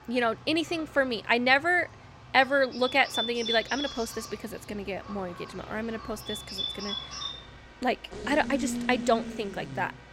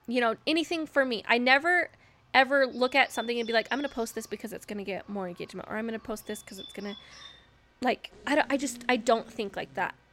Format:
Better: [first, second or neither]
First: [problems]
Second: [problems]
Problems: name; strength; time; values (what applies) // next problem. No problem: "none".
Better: second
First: animal sounds; loud; throughout; 8 dB below the speech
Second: animal sounds; faint; throughout; 20 dB below the speech